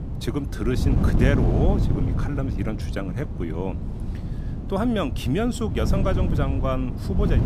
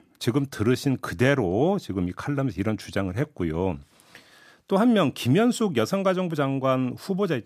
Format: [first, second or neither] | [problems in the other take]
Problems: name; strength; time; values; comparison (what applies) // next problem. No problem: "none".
second | wind noise on the microphone; heavy; 6 dB below the speech